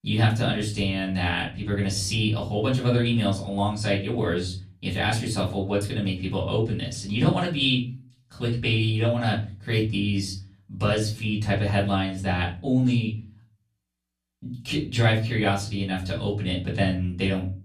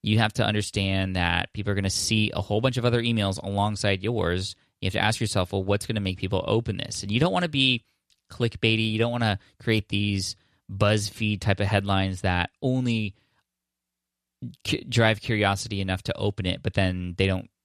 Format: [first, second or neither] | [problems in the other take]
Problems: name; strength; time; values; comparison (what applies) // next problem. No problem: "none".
second | off-mic speech; far // room echo; slight; dies away in 0.4 s